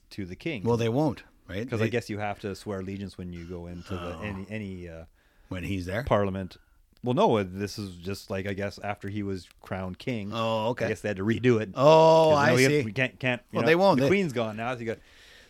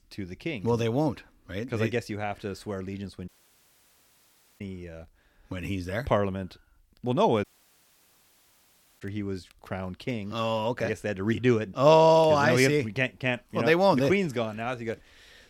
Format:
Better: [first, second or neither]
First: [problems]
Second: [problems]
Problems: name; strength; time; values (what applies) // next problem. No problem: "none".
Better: first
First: none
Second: audio cutting out; at 3.5 s for 1.5 s and at 7.5 s for 1.5 s